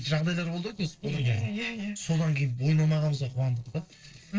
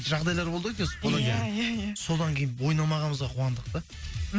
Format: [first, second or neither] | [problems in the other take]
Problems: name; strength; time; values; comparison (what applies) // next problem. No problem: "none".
second | noise reduction (neural separator model SepFormer DNS4)